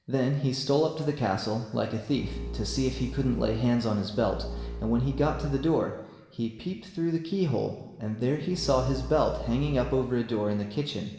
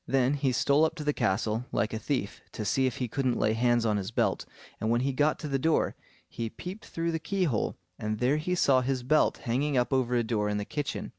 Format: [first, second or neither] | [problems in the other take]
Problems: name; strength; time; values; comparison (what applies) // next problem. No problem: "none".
second | background sound (Bowed string instrument); 9 dB below the speech // room echo; dies away in 1.2 s